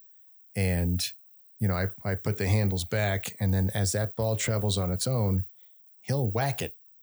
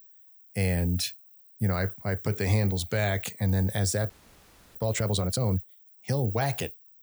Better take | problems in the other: first | audio freezing; at 4 s for 0.5 s

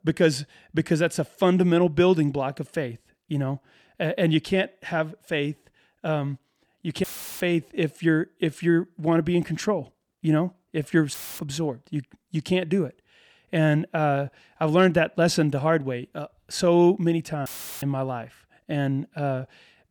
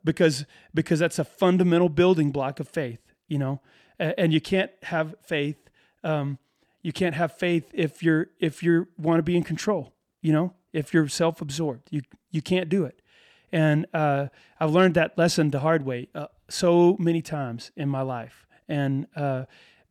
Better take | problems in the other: second | audio cutting out; filled with static; at 7 s, at 11 s and at 17 s

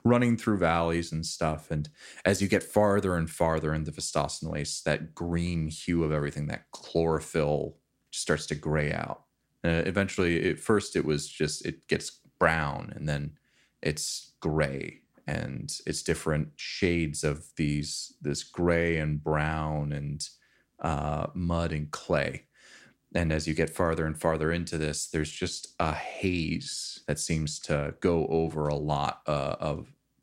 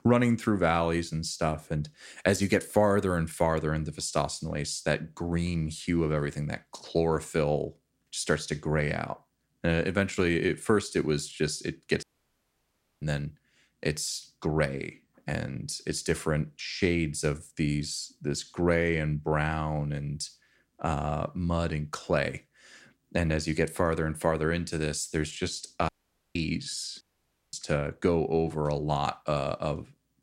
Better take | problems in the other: first | audio cutting out; at 12 s for 1 s, at 26 s and at 27 s for 0.5 s

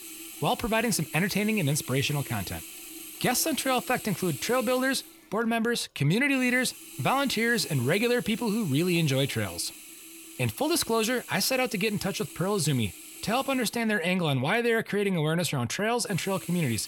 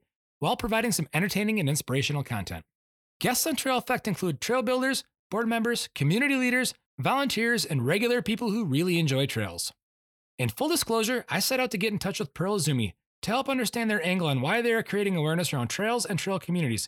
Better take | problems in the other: second | household noises; noticeable; throughout; 15 dB below the speech

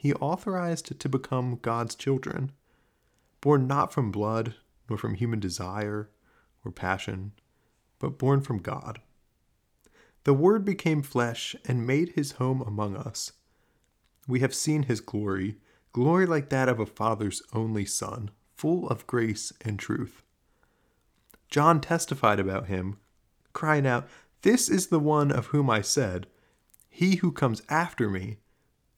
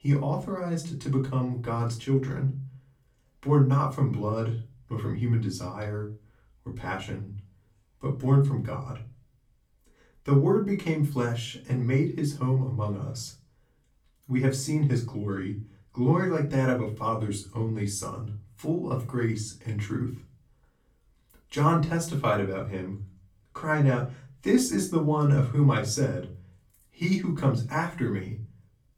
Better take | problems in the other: first | off-mic speech; far // room echo; slight; dies away in 0.4 s

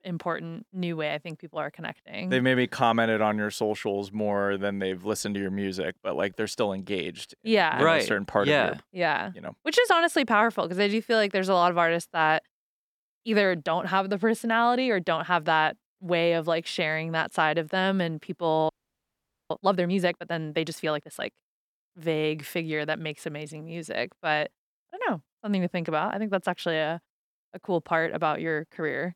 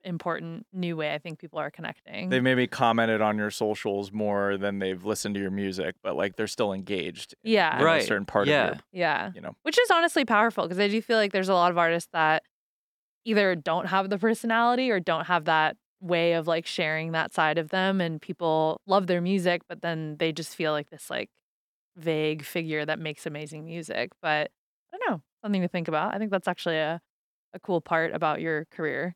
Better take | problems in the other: second | audio freezing; at 19 s for 1 s

